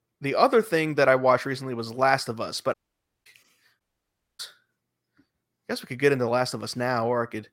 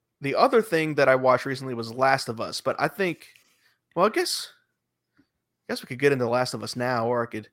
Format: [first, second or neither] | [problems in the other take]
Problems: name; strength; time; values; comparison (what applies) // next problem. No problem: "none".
second | audio cutting out; at 2.5 s for 0.5 s and at 4 s for 0.5 s